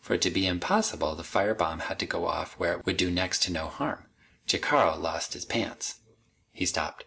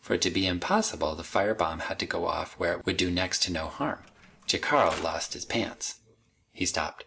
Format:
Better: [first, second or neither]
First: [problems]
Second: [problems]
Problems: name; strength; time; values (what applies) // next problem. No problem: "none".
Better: first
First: none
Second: background sound (Mechanisms); 17 dB below the speech